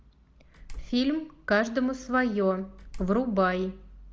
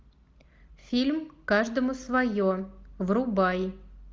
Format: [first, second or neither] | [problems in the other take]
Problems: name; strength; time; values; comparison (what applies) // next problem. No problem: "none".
second | background sound (Slam); 15 dB below the speech